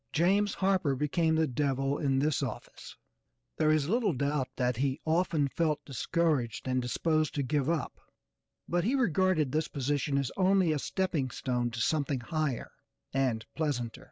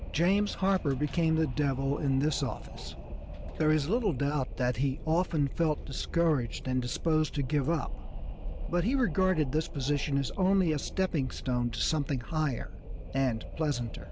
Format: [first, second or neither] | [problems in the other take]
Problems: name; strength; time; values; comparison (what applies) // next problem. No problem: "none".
first | background sound (Wind); 8 dB below the speech